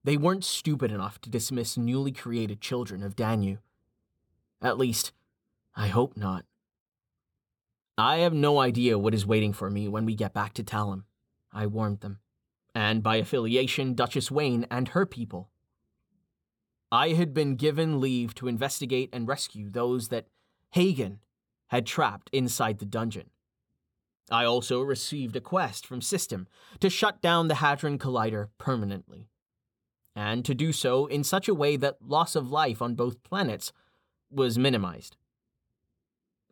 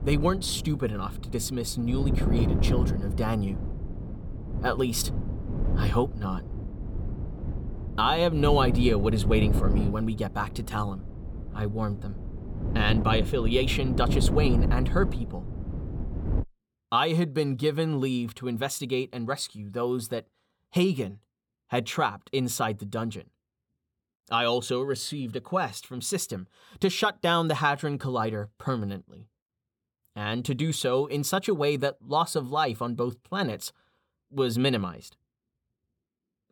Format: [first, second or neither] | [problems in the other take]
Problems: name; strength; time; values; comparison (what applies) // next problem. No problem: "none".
first | wind noise on the microphone; occasional gusts; until 16 s; 10 dB below the speech